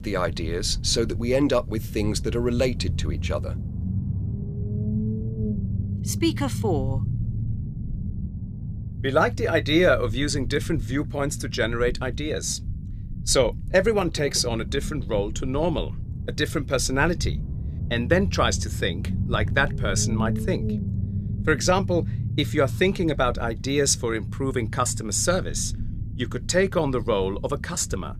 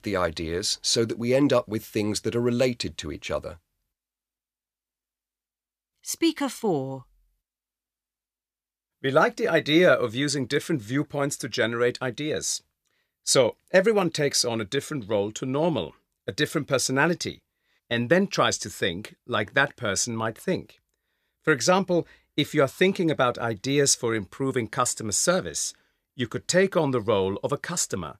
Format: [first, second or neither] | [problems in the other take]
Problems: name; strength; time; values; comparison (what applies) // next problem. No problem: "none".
second | low rumble; noticeable; throughout; 15 dB below the speech